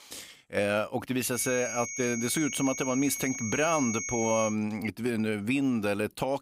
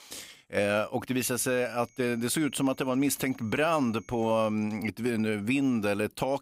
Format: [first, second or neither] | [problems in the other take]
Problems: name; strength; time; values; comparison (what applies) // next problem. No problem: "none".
second | high-pitched whine; loud; from 1.5 to 4.5 s; 6.5 kHz, 5 dB below the speech; faint in the second